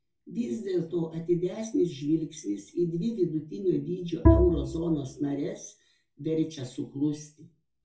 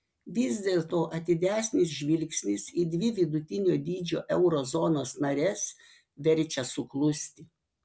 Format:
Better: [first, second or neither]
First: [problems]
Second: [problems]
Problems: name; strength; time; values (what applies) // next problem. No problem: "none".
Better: second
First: background sound (Bowed string instrument); 3 dB above the speech // room echo; dies away in 0.3 s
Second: none